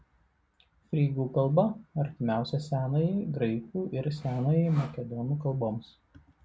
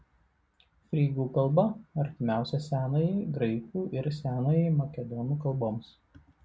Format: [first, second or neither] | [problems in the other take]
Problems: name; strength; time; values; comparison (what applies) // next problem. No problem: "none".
second | background sound (Sawing); 18 dB below the speech